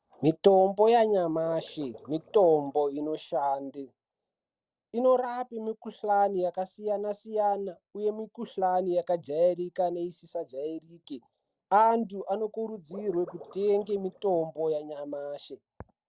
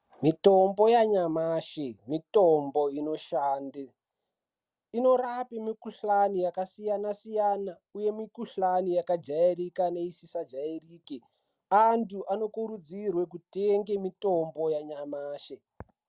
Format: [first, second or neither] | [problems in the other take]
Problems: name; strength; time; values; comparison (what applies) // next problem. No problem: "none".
second | noise reduction (neural separator model SepFormer DNS4)